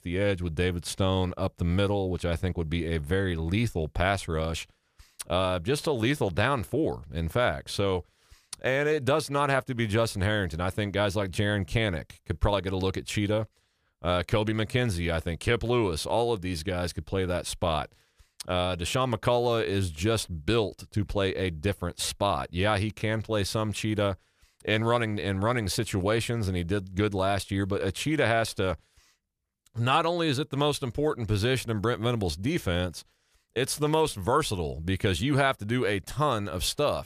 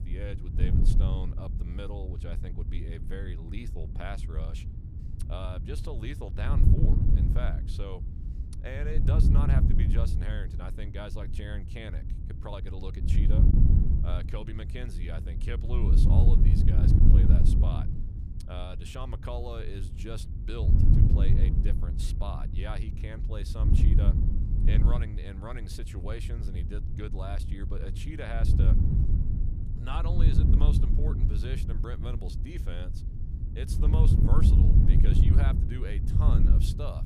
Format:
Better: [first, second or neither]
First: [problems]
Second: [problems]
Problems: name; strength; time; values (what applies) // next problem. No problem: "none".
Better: first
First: none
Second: wind noise on the microphone; heavy; 1 dB above the speech